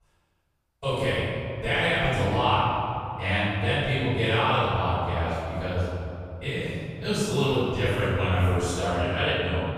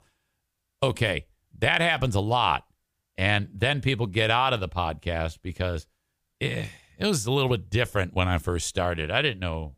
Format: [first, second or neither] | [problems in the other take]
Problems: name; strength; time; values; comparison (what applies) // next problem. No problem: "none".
second | off-mic speech; far // room echo; strong; dies away in 2.5 s